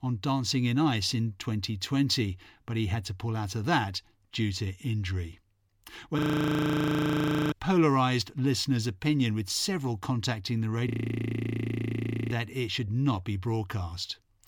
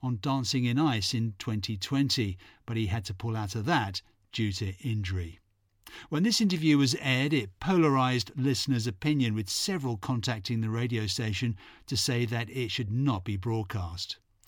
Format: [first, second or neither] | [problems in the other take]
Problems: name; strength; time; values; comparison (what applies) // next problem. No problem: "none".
second | audio freezing; at 6 s for 1.5 s and at 11 s for 1.5 s